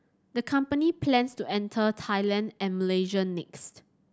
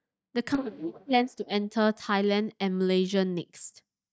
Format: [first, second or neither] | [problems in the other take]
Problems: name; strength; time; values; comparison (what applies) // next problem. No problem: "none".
first | noise reduction (neural mask model DeepFilterNet 3)